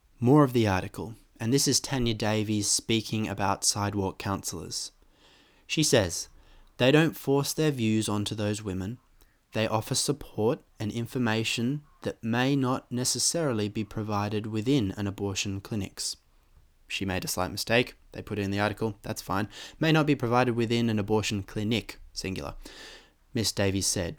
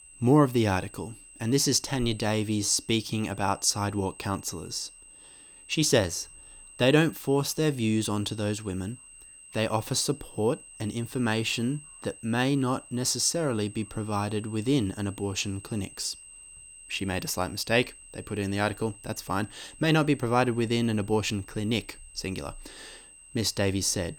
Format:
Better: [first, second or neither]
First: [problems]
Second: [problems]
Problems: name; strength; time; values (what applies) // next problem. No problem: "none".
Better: first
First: none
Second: high-pitched whine; noticeable; throughout; 8 kHz, 20 dB below the speech